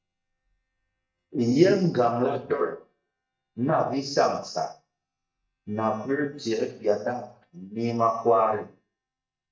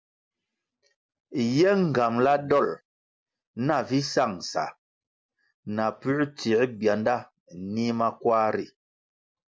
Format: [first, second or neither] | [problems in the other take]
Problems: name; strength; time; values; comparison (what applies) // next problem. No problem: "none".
second | noise reduction (neural mask model DeepFilterNet 3)